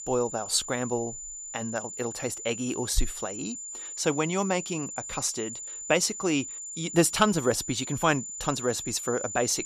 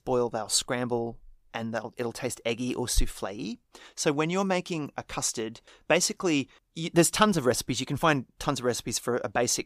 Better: second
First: high-pitched whine; loud; throughout; 7 kHz, 7 dB below the speech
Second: none

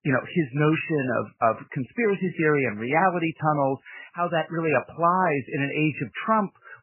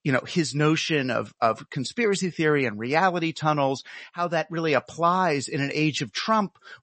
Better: second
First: garbled, watery; badly; nothing above 3 kHz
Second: garbled, watery; slightly; nothing above 8 kHz

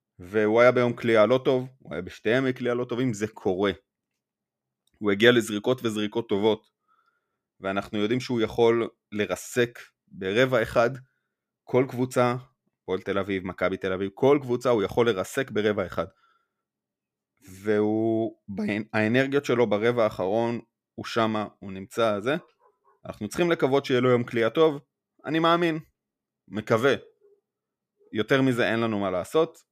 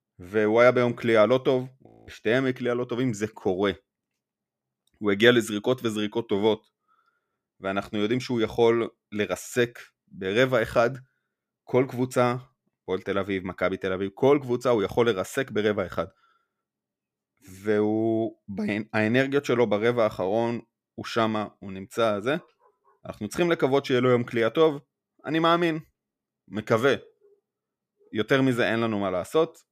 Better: first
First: none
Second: audio freezing; at 2 s

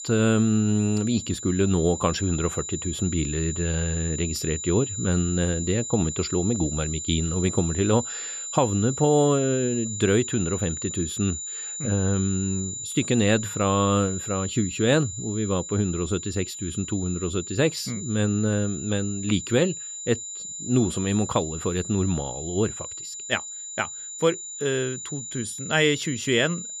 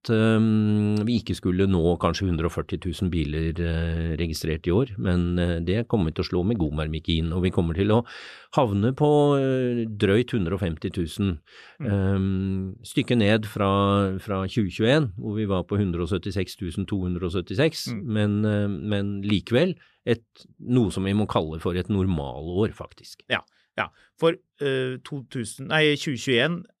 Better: second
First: high-pitched whine; loud; throughout; 7 kHz, 7 dB below the speech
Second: none

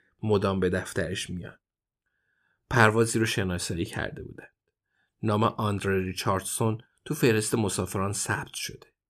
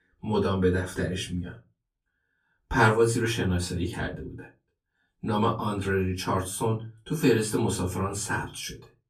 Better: first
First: none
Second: off-mic speech; far // room echo; very slight; dies away in 0.2 s

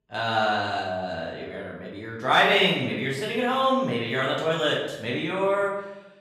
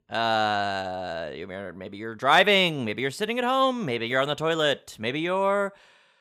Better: second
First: off-mic speech; far // room echo; noticeable; dies away in 0.8 s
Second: none

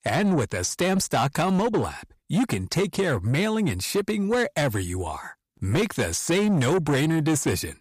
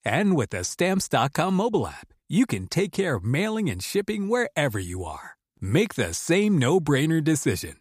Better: second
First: distortion; slight; 10 dB below the speech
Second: none

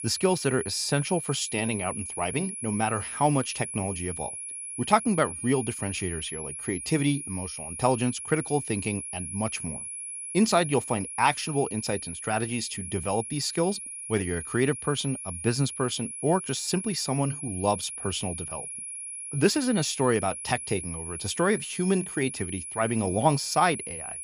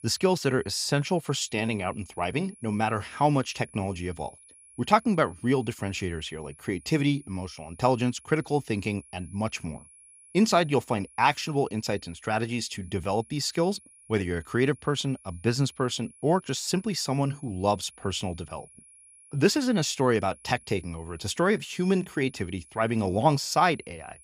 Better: second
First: high-pitched whine; loud; throughout; 10.5 kHz, 7 dB below the speech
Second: high-pitched whine; faint; throughout; 10.5 kHz, 25 dB below the speech

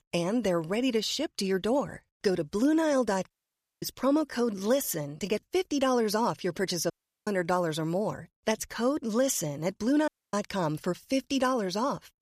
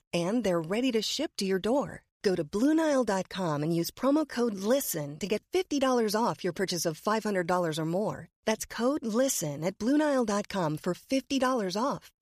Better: second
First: audio cutting out; at 3.5 s for 0.5 s, at 7 s and at 10 s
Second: none

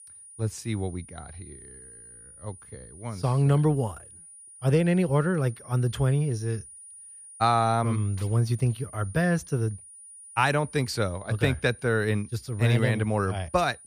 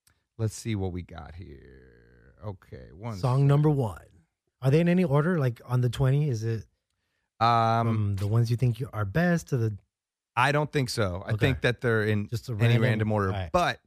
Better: second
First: high-pitched whine; noticeable; throughout; 9.5 kHz, 20 dB below the speech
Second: none

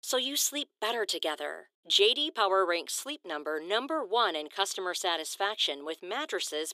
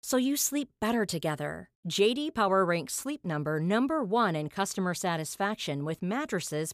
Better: second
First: thin; very; fading below 350 Hz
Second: none

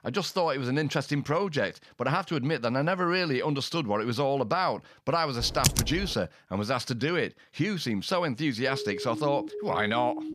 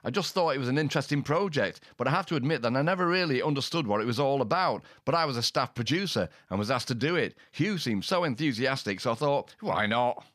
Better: second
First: keyboard typing; loud; at 5.5 s; peak 3 dB above the speech // siren; noticeable; from 8.5 s on; peak 8 dB below the speech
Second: none

